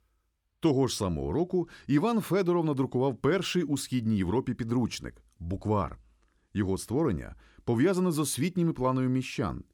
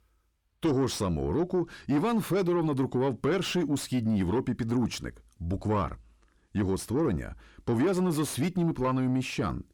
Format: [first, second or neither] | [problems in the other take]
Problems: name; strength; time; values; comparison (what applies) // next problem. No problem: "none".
first | distortion; slight; 10 dB below the speech